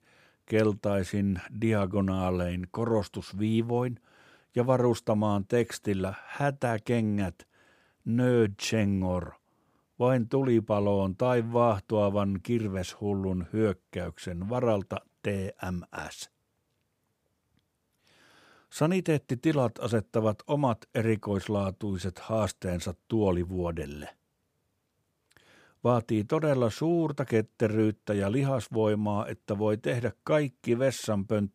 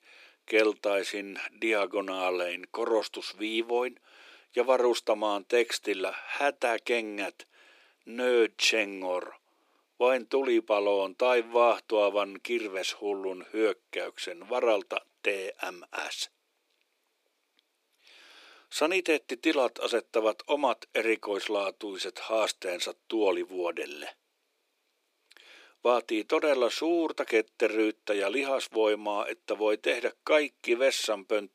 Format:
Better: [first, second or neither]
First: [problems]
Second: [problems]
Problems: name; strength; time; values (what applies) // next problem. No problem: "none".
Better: first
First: none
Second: thin; very; fading below 300 Hz